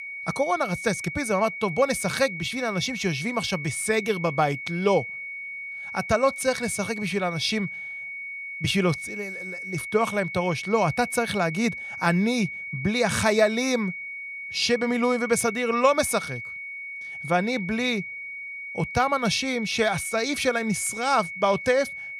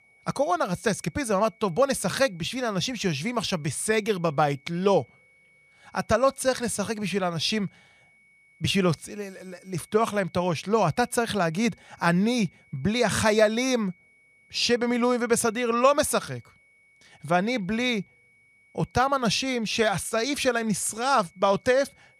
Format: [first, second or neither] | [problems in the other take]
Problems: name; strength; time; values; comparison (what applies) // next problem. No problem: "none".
second | high-pitched whine; loud; throughout; 2 kHz, 8 dB below the speech; faint in the second